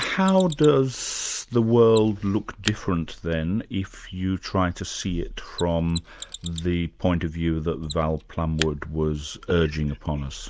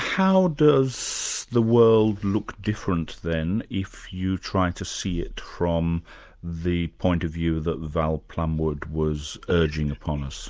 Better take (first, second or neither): second